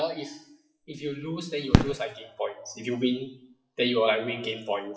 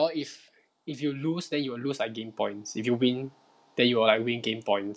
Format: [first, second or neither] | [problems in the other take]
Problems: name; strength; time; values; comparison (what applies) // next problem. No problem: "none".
second | noise reduction (classical method WPE with log-MMSE)